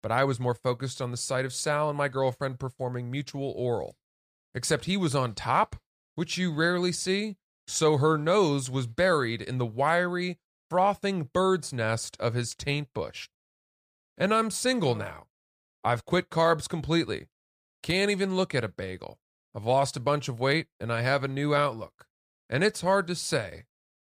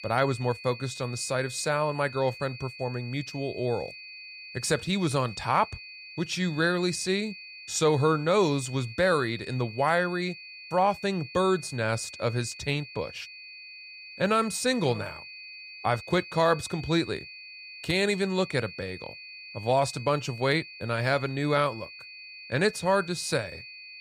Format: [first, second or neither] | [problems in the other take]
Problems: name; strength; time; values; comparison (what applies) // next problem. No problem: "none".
first | high-pitched whine; noticeable; throughout; 2.5 kHz, 15 dB below the speech